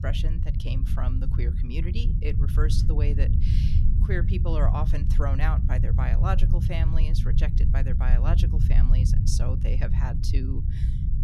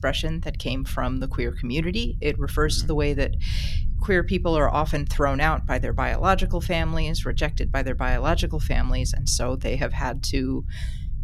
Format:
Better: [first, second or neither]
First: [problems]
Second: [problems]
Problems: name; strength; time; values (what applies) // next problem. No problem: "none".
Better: second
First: low rumble; loud; throughout; 4 dB below the speech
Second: low rumble; faint; throughout; 20 dB below the speech